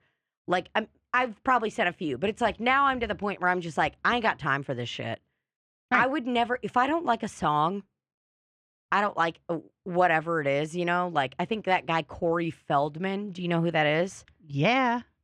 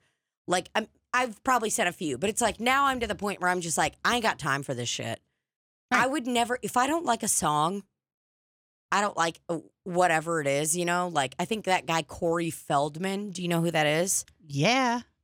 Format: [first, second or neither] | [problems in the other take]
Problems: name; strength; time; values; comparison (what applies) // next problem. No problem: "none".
second | muffled; very; fading above 2.5 kHz